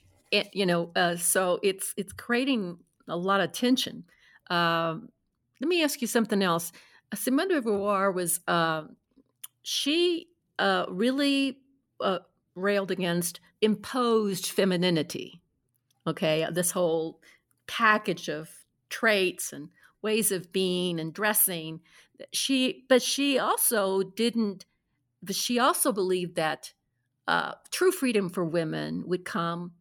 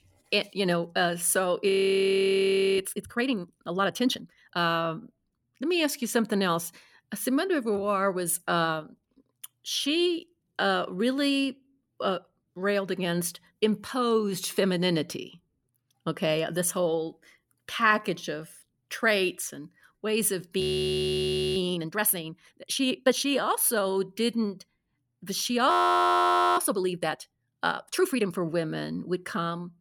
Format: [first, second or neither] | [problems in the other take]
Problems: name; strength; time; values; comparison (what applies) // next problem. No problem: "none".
first | audio freezing; at 1.5 s for 1 s, at 21 s for 1 s and at 26 s for 1 s